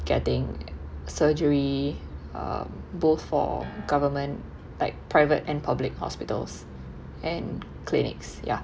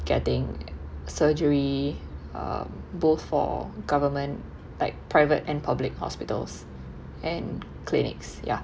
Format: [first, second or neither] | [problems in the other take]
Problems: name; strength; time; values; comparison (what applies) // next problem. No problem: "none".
second | background sound (Piano); 20 dB below the speech